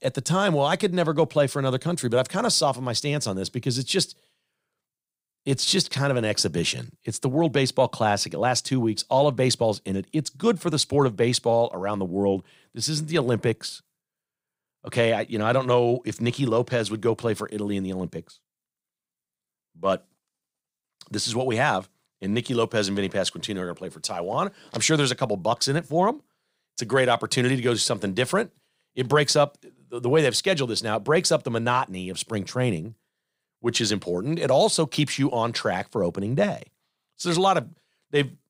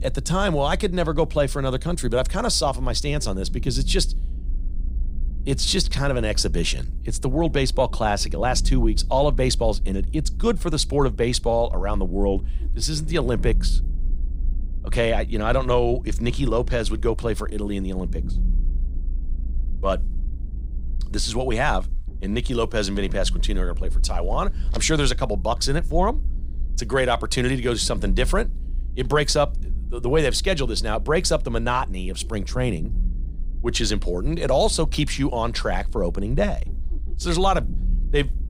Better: first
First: none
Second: low rumble; faint; throughout; 25 dB below the speech

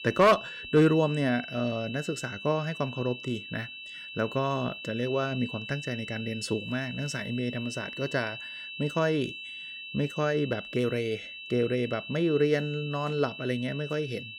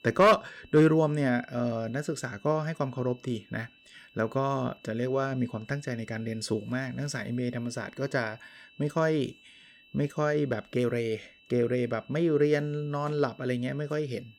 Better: second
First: high-pitched whine; loud; throughout; 2.5 kHz, 10 dB below the speech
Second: high-pitched whine; faint; throughout; 2.5 kHz, 25 dB below the speech

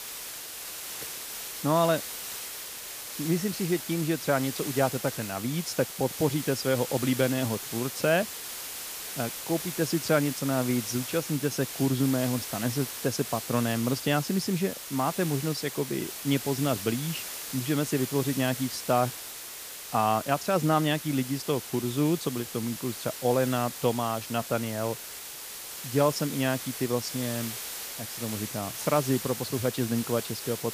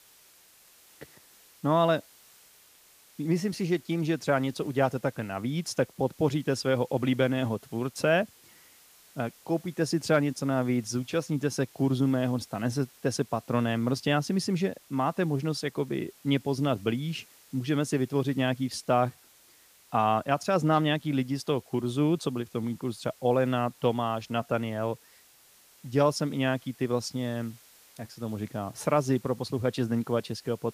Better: second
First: hiss; loud; throughout; 7 dB below the speech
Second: hiss; faint; throughout; 25 dB below the speech

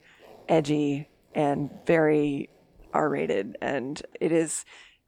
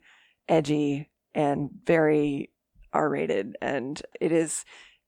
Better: second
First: household noises; faint; throughout; 30 dB below the speech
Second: none

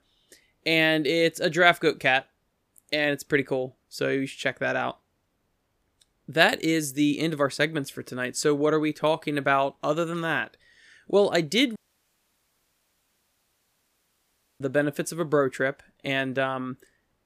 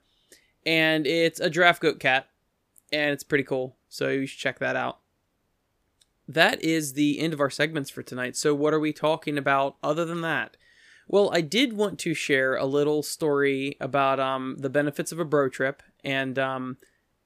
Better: second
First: audio cutting out; at 12 s for 3 s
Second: none

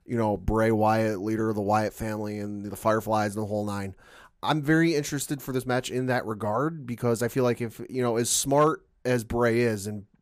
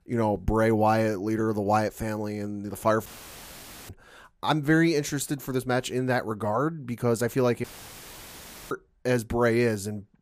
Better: first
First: none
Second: audio cutting out; filled with static; at 3 s for 1 s and at 7.5 s for 1 s

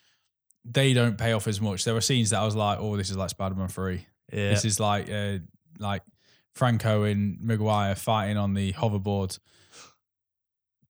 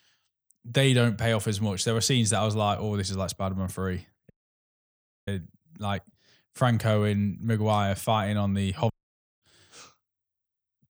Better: first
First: none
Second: audio cutting out; at 4.5 s for 1 s and at 9 s for 0.5 s

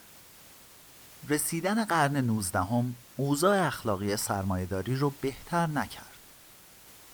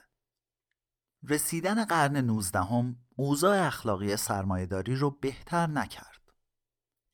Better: second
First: hiss; faint; throughout; 20 dB below the speech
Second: none

